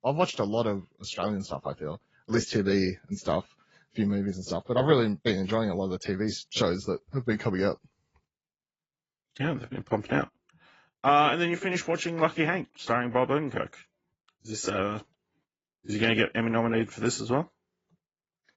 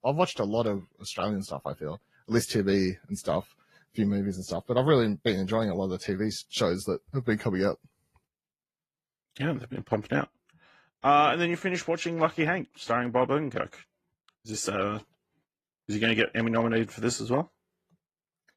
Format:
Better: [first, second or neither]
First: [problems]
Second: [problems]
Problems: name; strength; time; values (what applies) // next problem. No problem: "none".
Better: second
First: garbled, watery; badly; nothing above 7.5 kHz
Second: garbled, watery; slightly; nothing above 12.5 kHz